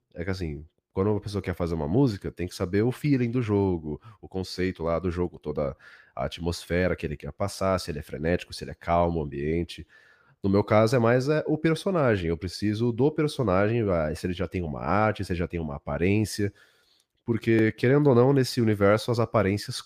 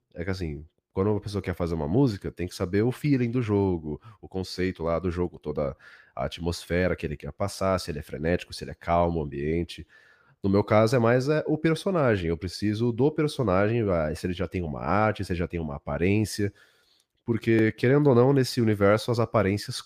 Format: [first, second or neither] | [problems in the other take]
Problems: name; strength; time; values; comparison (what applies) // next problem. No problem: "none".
neither | none